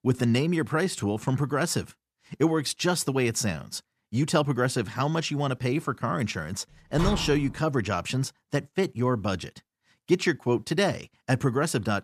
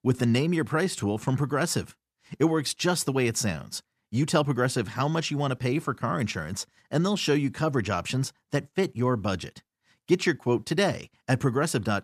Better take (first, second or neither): second